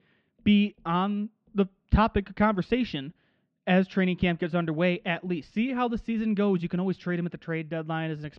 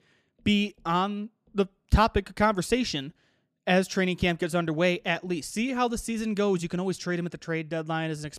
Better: second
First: muffled; slightly; fading above 3.5 kHz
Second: none

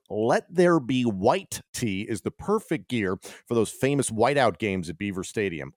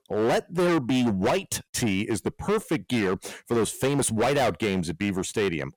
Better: first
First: none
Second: distortion; heavy; 17% of the sound clipped

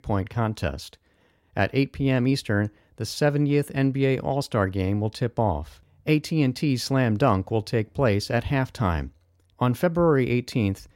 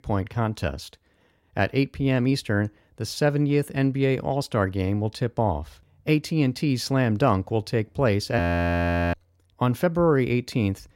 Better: first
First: none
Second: audio freezing; at 8.5 s for 0.5 s

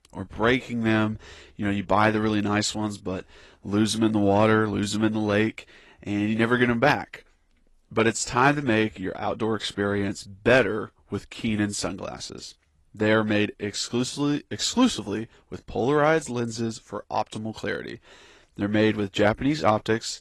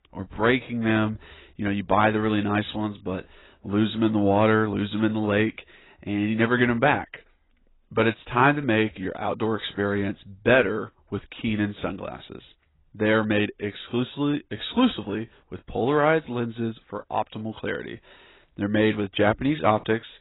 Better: first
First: garbled, watery; slightly; nothing above 11.5 kHz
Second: garbled, watery; badly; nothing above 4 kHz

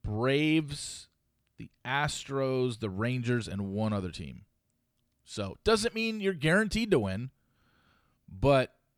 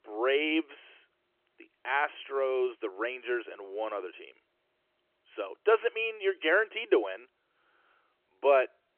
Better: first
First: none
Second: phone-call audio; nothing above 3 kHz

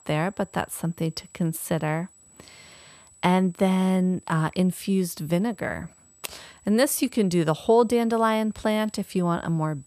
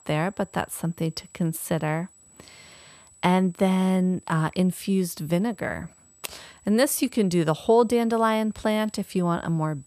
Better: neither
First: high-pitched whine; faint; throughout; 8 kHz, 30 dB below the speech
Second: high-pitched whine; faint; throughout; 8 kHz, 30 dB below the speech

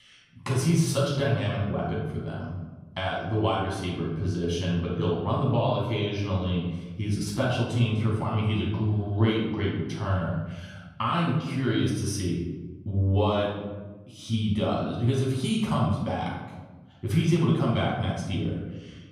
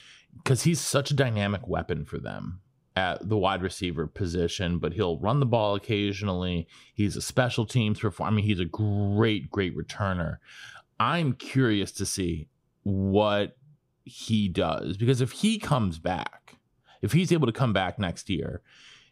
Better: second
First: off-mic speech; far // room echo; noticeable; dies away in 1.2 s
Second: none

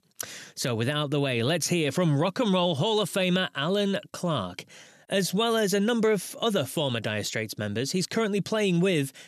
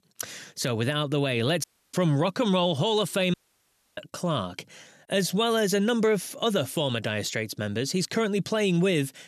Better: first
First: none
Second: audio cutting out; at 1.5 s and at 3.5 s for 0.5 s

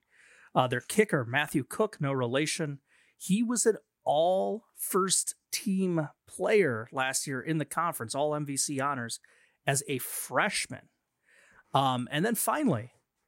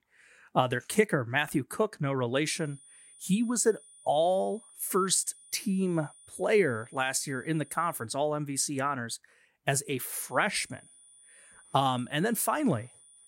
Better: first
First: none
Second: high-pitched whine; faint; from 2.5 to 8 s and from 10 s on; 9.5 kHz, 25 dB below the speech

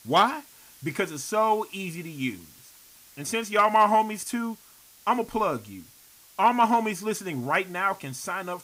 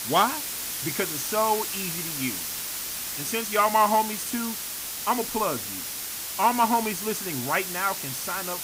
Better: first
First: hiss; faint; throughout; 25 dB below the speech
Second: hiss; loud; throughout; 3 dB below the speech

